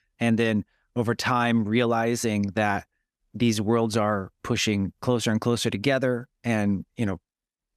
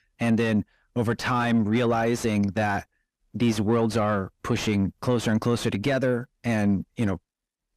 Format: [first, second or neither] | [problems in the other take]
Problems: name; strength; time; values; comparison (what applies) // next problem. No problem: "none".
first | distortion; slight; 10 dB below the speech